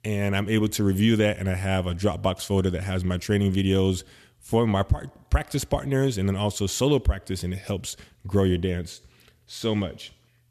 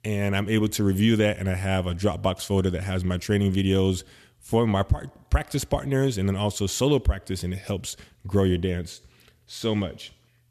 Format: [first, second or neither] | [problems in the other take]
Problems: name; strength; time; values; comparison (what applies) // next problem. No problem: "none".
neither | none